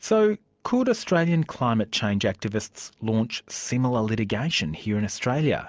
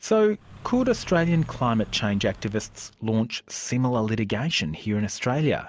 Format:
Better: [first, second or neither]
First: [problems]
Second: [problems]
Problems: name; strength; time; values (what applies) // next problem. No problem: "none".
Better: first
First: none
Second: background sound (Car); 17 dB below the speech